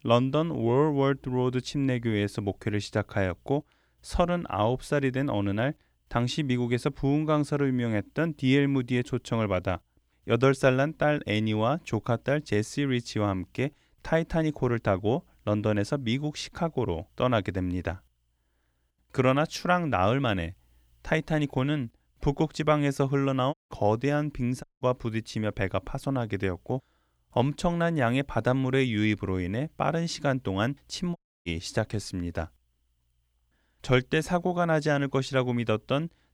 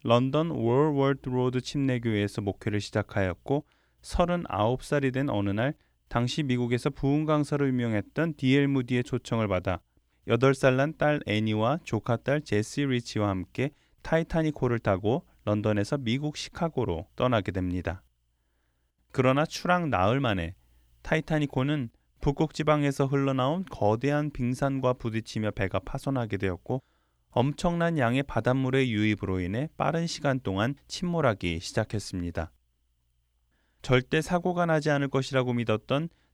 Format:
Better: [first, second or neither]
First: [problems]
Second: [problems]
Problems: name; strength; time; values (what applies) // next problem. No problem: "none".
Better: second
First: audio cutting out; at 24 s, at 25 s and at 31 s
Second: none